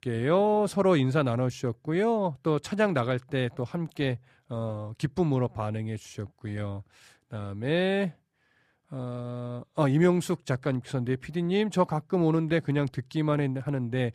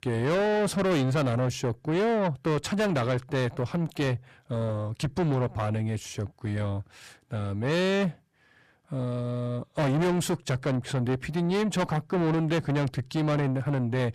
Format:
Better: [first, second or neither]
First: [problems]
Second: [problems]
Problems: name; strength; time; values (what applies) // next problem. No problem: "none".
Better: first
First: none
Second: distortion; heavy; 7 dB below the speech